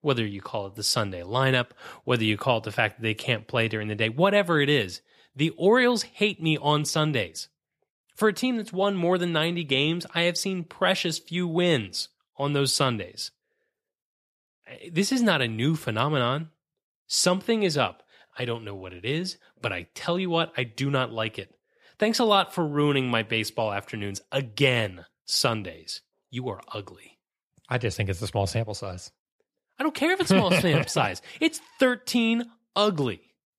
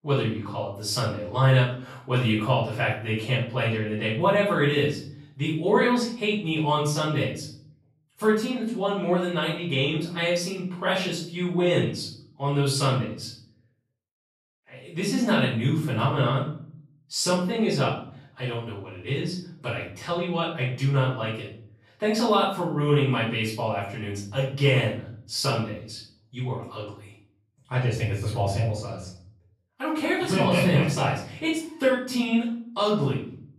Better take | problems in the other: first | off-mic speech; far // room echo; noticeable; dies away in 0.5 s

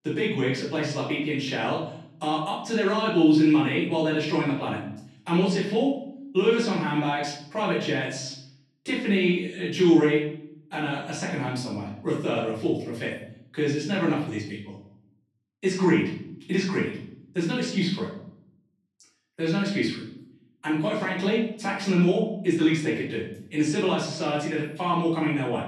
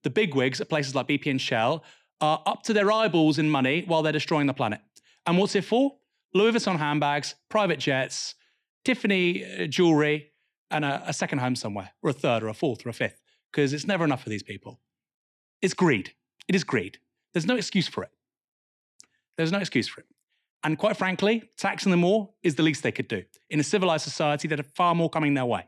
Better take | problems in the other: second | off-mic speech; far // room echo; noticeable; dies away in 0.6 s

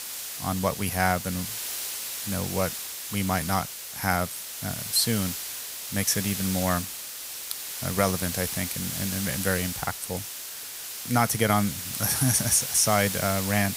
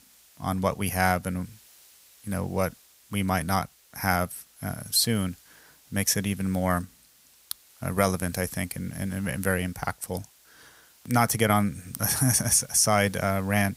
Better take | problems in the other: second | hiss; loud; throughout; 5 dB below the speech; faint in the second

